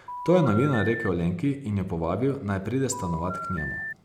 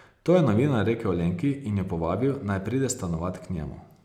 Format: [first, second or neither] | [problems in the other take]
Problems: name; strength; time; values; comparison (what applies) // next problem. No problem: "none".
second | background sound (Telephone); 8 dB below the speech